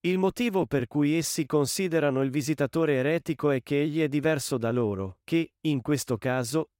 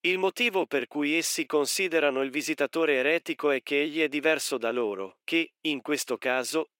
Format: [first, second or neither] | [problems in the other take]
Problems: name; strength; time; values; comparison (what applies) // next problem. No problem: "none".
first | thin; somewhat; fading below 350 Hz